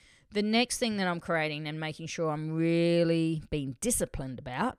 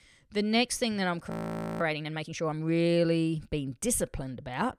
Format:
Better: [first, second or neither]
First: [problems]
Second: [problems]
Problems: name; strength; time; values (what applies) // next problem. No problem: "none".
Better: first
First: none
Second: audio freezing; at 1.5 s for 0.5 s